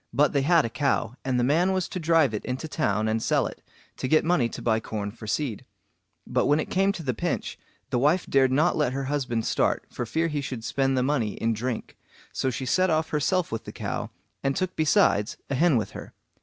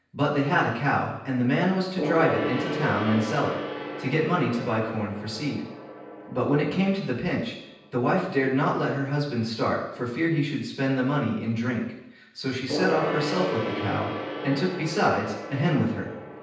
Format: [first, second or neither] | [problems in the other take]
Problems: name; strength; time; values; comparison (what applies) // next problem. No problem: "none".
first | background sound (Gong); 8 dB below the speech // room echo; dies away in 0.9 s